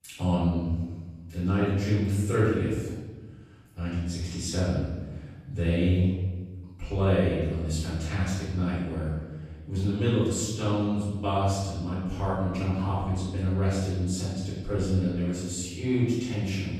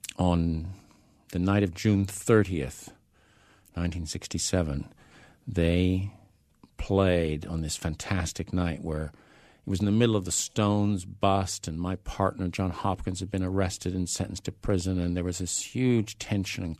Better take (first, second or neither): second